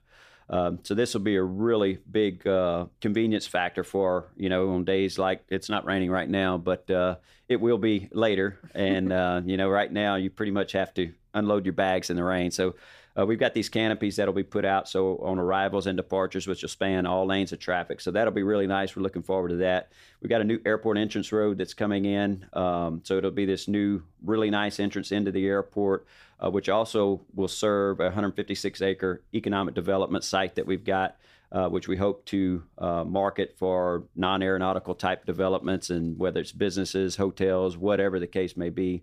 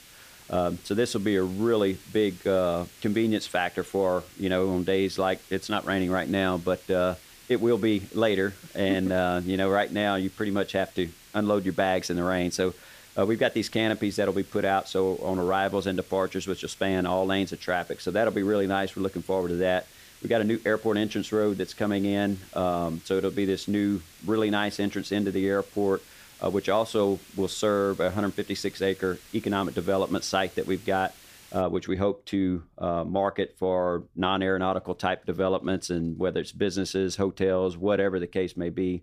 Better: first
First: none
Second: hiss; faint; until 32 s; 20 dB below the speech

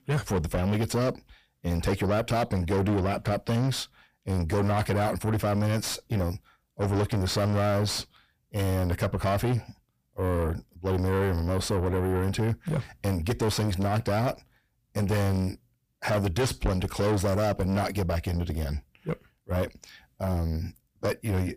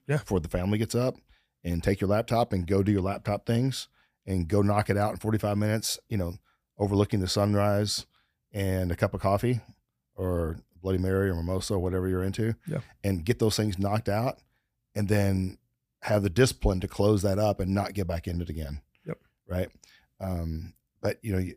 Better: second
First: distortion; heavy; 5 dB below the speech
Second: none

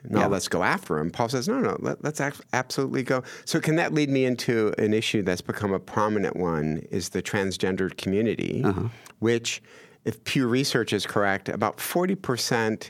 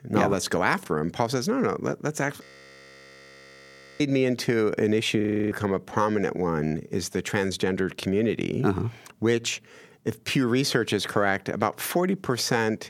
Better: first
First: none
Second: audio freezing; at 2.5 s for 1.5 s and at 5 s

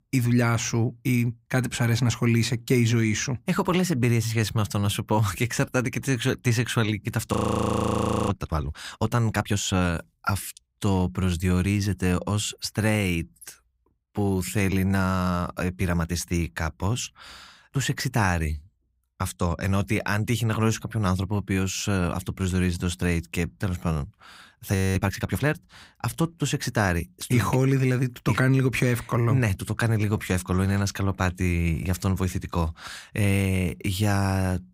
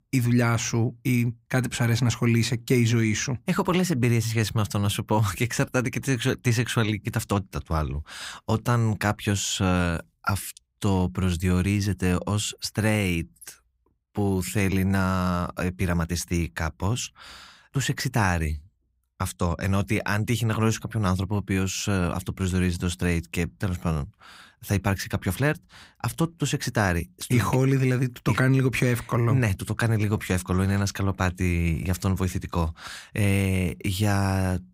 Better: second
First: audio freezing; at 7.5 s for 1 s and at 25 s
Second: none

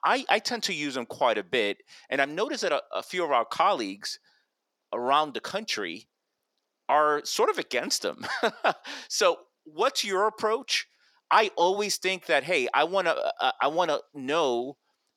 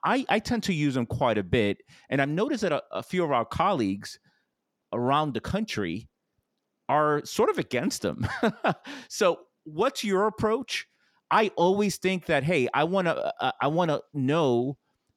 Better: second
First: thin; somewhat; fading below 450 Hz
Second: none

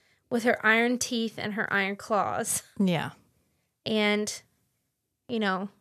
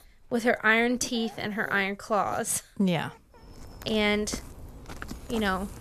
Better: first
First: none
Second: animal sounds; noticeable; throughout; 15 dB below the speech

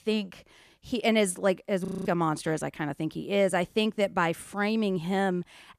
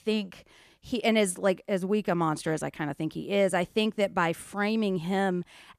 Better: second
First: audio freezing; at 2 s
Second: none

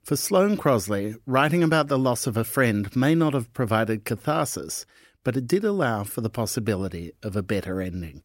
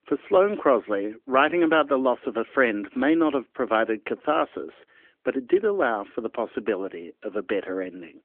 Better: first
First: none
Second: phone-call audio

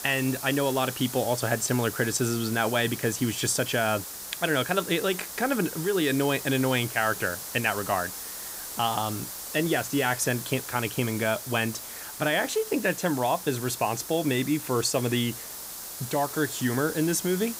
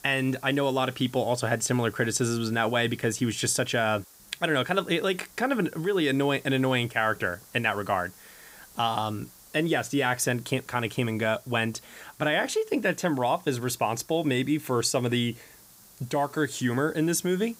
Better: second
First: hiss; loud; throughout; 8 dB below the speech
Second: hiss; faint; throughout; 25 dB below the speech

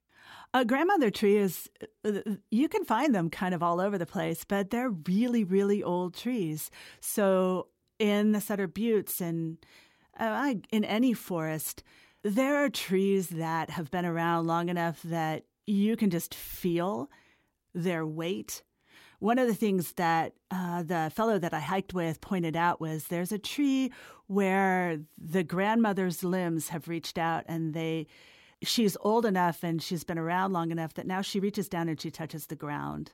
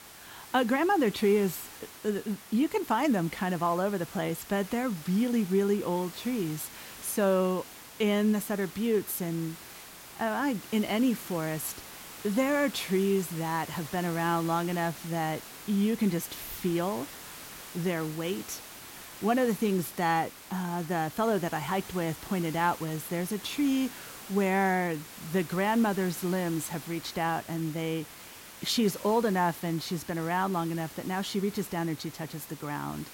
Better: first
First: none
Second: hiss; noticeable; throughout; 15 dB below the speech

